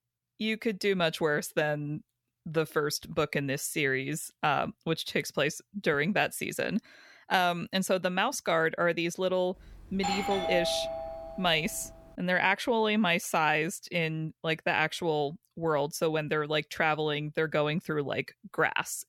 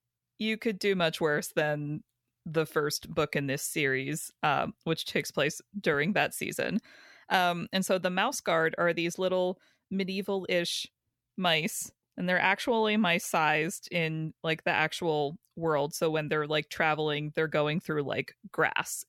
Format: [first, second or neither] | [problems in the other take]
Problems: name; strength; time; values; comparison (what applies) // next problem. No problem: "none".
second | doorbell; noticeable; from 9.5 to 12 s; peak 2 dB below the speech